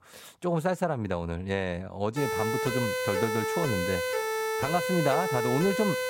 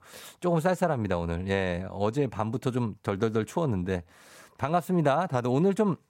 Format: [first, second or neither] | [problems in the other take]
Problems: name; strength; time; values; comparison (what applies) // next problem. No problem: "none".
second | siren; loud; from 2 s on; peak 1 dB above the speech